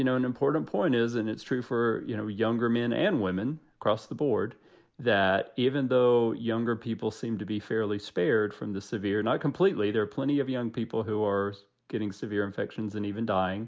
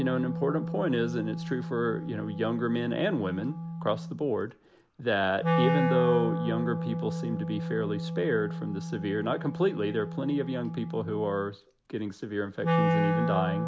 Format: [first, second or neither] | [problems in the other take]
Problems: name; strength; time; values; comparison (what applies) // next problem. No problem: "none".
first | background sound (Wind instrument, woodwind instrument); 2 dB below the speech